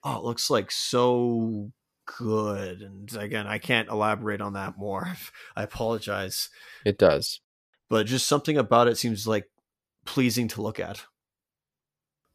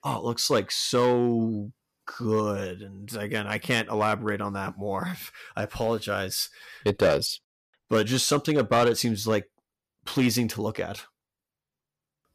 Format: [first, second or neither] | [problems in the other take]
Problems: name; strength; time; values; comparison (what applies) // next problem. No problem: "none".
first | distortion; slight; 2% of the sound clipped